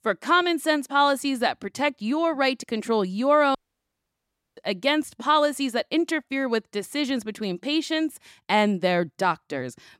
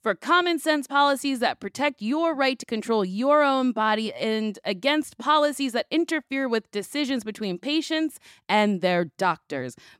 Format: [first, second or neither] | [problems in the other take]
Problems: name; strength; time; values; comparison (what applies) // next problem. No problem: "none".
second | audio cutting out; at 3.5 s for 1 s